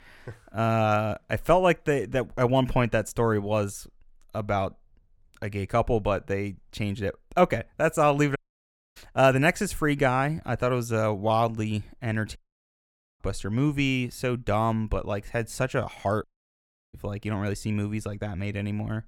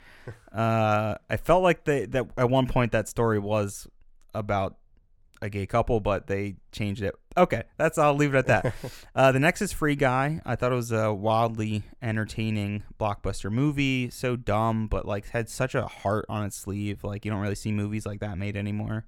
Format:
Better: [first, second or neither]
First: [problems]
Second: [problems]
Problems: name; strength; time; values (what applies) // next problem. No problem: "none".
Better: second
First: audio cutting out; at 8.5 s for 0.5 s, at 12 s for 1 s and at 16 s for 0.5 s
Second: none